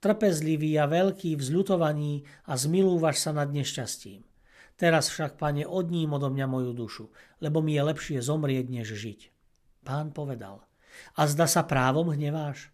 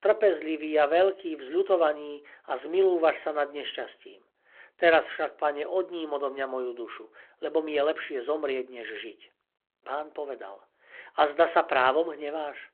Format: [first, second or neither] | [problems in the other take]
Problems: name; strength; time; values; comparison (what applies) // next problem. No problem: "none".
first | phone-call audio